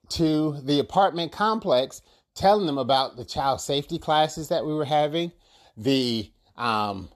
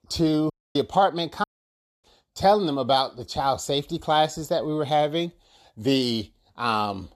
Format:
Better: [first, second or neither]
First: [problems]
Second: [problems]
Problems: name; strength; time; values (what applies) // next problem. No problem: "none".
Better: first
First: none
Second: audio cutting out; at 0.5 s and at 1.5 s for 0.5 s